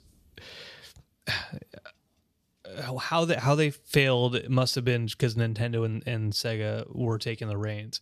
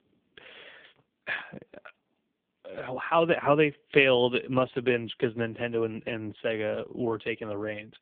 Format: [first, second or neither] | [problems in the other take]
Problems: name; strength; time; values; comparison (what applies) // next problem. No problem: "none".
first | phone-call audio; poor line